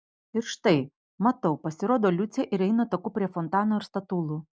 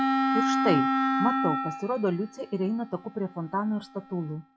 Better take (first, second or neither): first